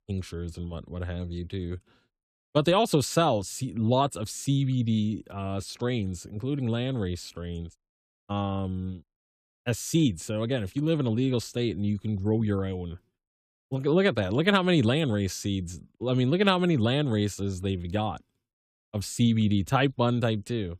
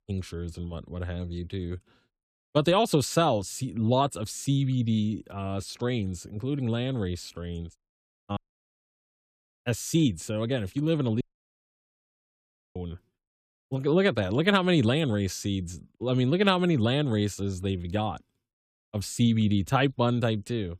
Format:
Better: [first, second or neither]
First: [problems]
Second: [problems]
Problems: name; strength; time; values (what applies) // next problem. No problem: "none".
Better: first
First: none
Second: audio cutting out; at 8.5 s for 1 s and at 11 s for 1.5 s